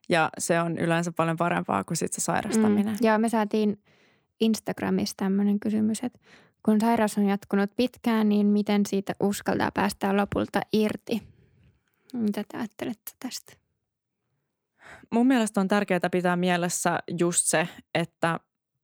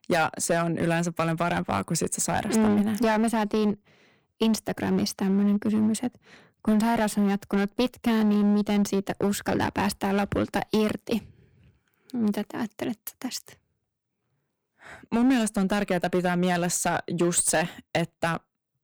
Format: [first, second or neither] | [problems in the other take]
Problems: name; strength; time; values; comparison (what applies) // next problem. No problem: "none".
first | distortion; slight; 6% of the sound clipped